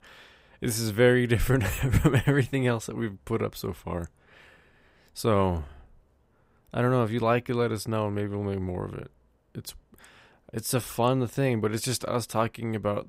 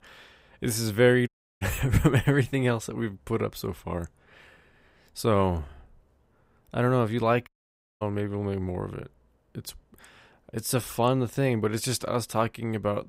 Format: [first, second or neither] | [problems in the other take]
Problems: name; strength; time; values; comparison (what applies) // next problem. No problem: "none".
first | audio cutting out; at 1.5 s and at 7.5 s for 0.5 s